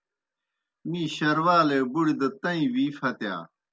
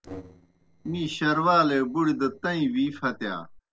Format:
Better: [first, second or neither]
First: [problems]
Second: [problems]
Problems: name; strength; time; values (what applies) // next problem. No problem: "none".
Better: first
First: none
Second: noise reduction (neural separator model SepFormer DNS4)